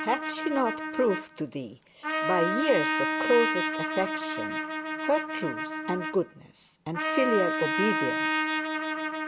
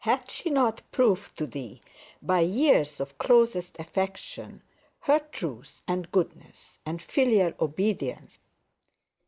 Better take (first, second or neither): second